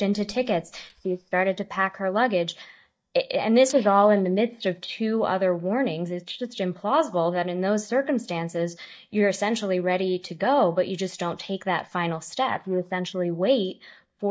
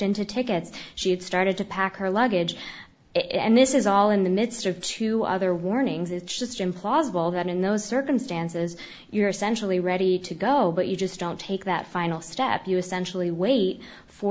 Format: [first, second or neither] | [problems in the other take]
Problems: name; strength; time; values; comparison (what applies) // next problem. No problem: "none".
second | noise reduction (neural mask model DeepFilterNet 3)